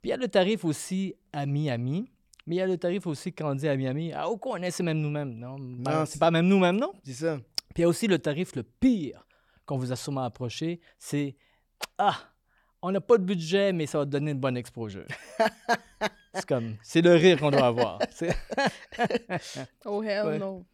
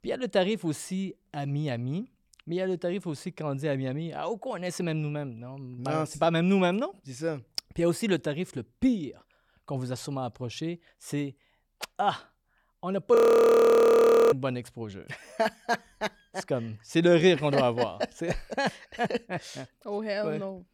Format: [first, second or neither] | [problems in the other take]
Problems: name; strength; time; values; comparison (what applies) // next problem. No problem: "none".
first | audio freezing; at 13 s for 1 s